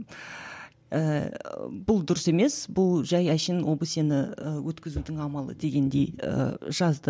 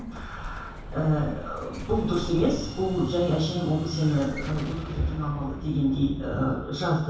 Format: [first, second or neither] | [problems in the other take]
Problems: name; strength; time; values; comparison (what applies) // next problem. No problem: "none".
first | background sound (Explosion); 9 dB below the speech // room echo; dies away in 0.7 s